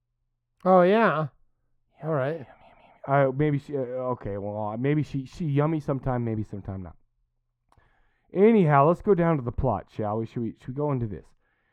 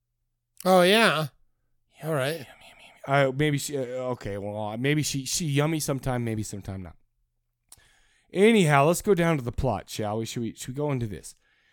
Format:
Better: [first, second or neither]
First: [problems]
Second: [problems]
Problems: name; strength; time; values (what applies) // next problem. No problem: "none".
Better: second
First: muffled; very; fading above 3 kHz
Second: none